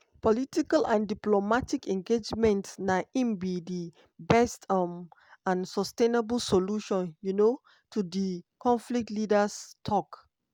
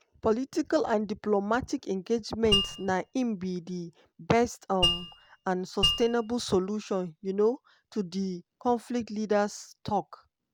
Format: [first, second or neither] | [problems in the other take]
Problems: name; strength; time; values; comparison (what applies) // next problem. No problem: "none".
first | background sound (Mallet percussion); 2 dB below the speech